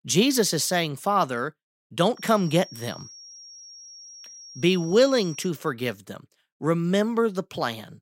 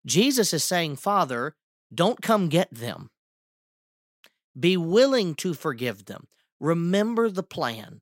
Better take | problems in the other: second | high-pitched whine; noticeable; from 2 to 5.5 s; 5.5 kHz, 20 dB below the speech

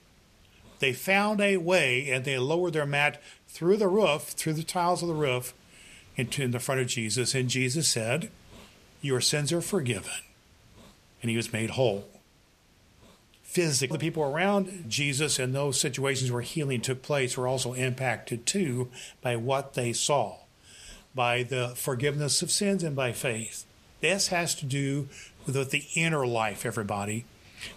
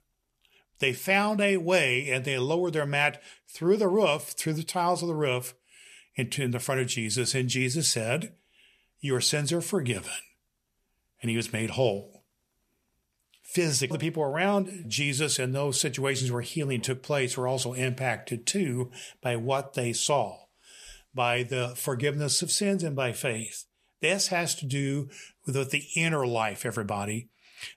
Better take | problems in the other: second | hiss; faint; throughout; 30 dB below the speech

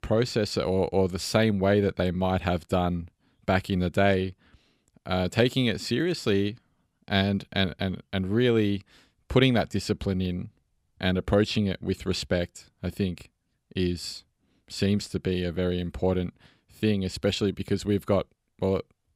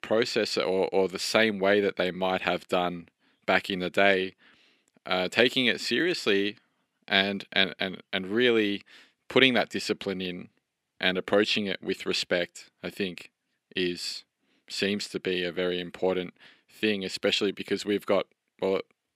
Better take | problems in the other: first | thin; very slightly; fading below 300 Hz

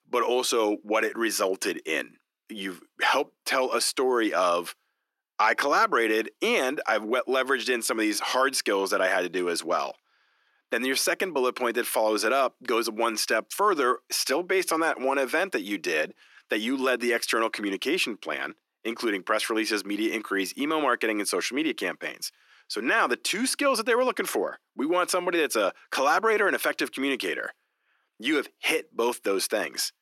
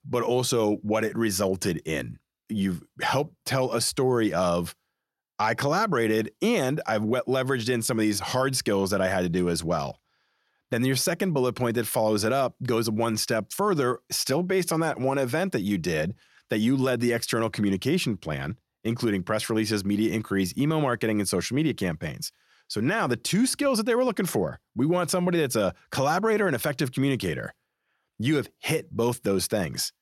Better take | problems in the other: second | thin; somewhat; fading below 300 Hz

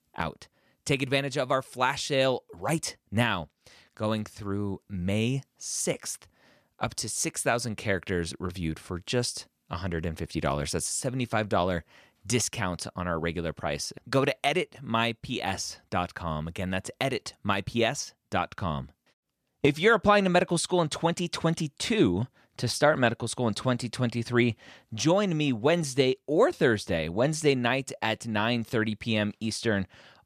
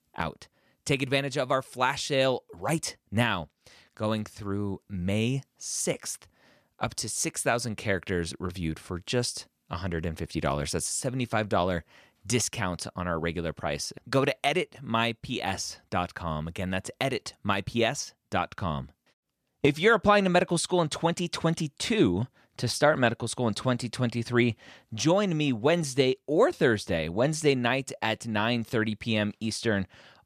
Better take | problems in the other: neither | none

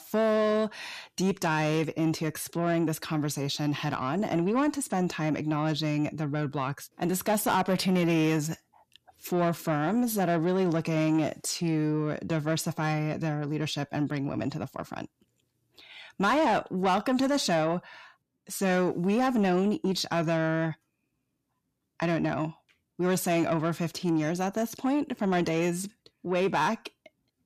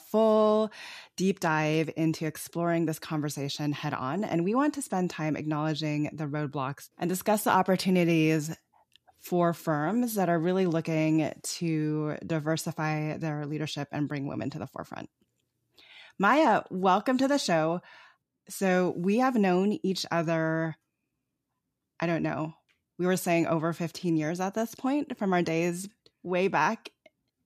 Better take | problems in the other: second | distortion; slight; 10 dB below the speech

